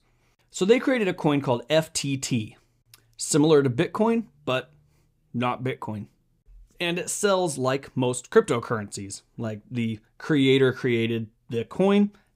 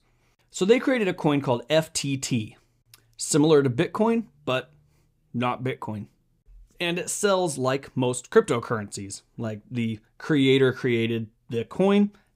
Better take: neither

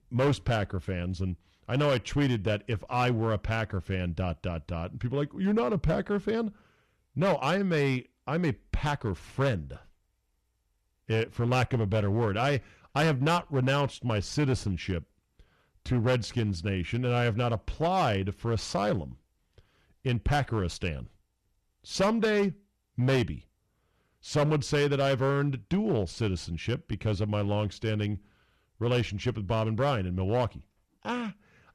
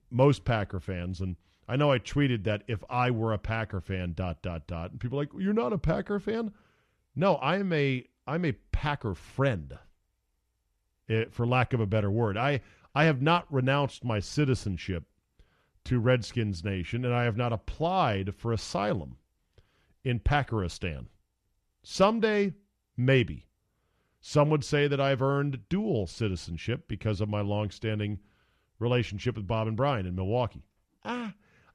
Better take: second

